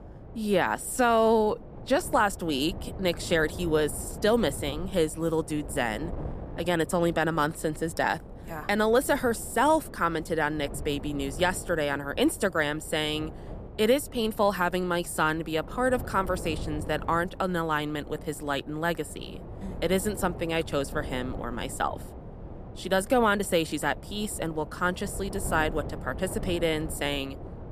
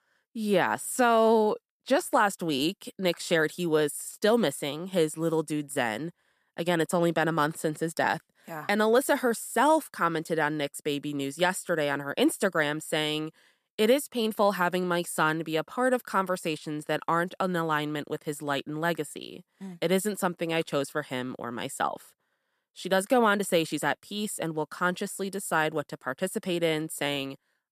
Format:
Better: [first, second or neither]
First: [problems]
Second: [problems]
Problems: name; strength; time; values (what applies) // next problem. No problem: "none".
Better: second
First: wind noise on the microphone; occasional gusts; 20 dB below the speech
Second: none